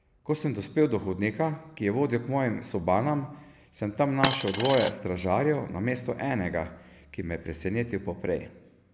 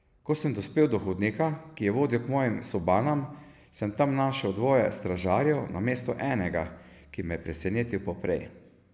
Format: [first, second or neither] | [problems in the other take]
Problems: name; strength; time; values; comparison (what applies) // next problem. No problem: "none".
second | background sound (Coin (dropping)); 1 dB below the speech